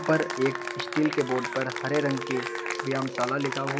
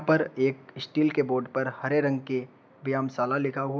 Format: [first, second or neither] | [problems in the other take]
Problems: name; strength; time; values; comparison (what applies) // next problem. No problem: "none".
second | background sound (Wind instrument, woodwind instrument + Applause / Cheering); 5 dB below the speech